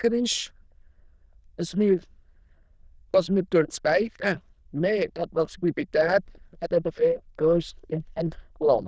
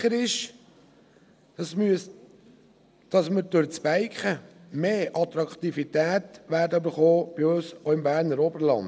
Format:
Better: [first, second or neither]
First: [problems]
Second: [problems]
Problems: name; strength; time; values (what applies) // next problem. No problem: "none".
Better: second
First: noise reduction (neural diffusion model UNIVERSE++)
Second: none